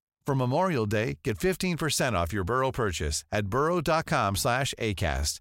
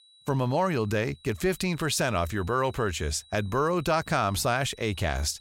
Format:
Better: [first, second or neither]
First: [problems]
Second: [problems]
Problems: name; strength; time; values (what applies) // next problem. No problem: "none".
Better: first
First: none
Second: high-pitched whine; faint; throughout; 4 kHz, 25 dB below the speech